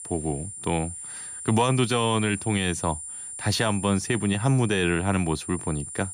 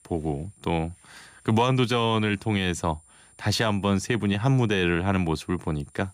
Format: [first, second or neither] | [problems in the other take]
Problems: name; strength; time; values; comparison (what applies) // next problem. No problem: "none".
second | high-pitched whine; loud; throughout; 9.5 kHz, 9 dB below the speech; faint in the second